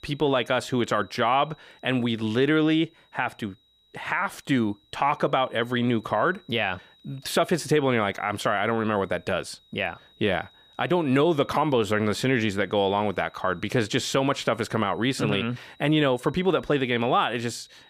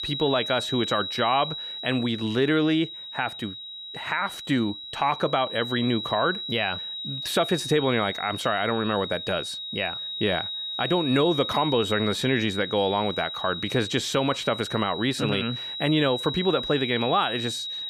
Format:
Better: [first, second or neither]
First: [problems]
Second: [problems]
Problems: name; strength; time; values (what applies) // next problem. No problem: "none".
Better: first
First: high-pitched whine; faint; throughout; 4 kHz, 30 dB below the speech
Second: high-pitched whine; loud; throughout; 4 kHz, 6 dB below the speech